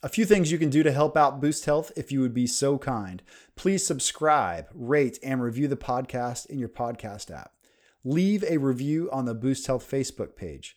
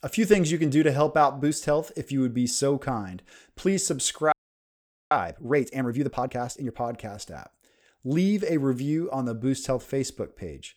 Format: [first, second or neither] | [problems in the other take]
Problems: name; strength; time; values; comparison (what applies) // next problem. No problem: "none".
first | audio freezing; at 4.5 s for 1 s